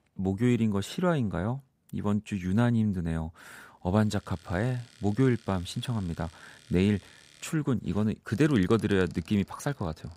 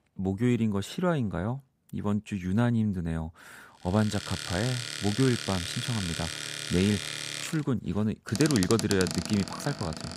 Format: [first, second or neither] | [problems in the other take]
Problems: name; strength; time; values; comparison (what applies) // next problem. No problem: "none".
first | household noises; loud; from 4 s on; 5 dB below the speech; faint in the first